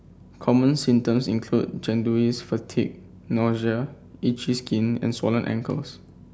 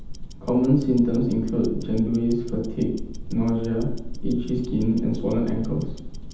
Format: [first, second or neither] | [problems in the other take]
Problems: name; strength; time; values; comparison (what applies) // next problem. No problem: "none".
first | background sound (Tick-tock); 7 dB below the speech // room echo; dies away in 0.8 s